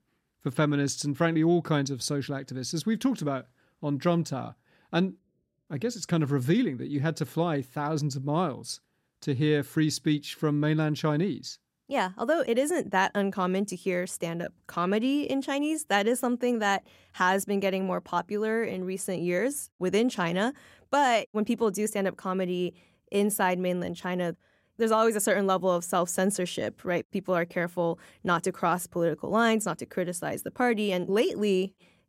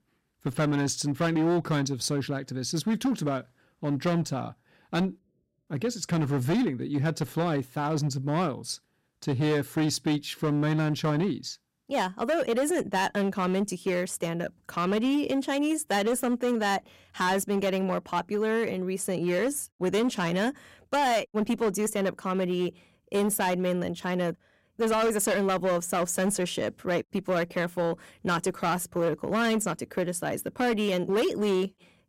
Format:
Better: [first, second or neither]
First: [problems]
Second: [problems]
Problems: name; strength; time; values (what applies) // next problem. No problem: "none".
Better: first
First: none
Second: distortion; slight; 10% of the sound clipped